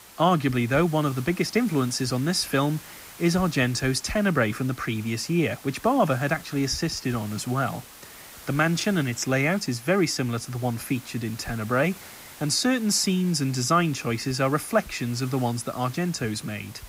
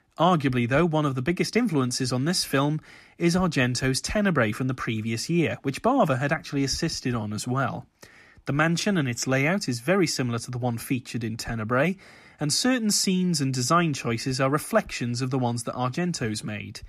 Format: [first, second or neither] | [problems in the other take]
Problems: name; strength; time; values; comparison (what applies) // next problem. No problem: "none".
second | hiss; noticeable; throughout; 20 dB below the speech